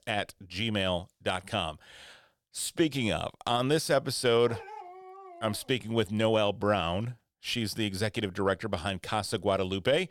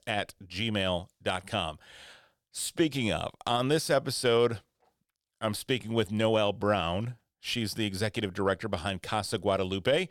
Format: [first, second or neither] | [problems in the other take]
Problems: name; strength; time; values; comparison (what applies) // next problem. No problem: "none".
second | dog barking; faint; from 4.5 to 5.5 s; peak 15 dB below the speech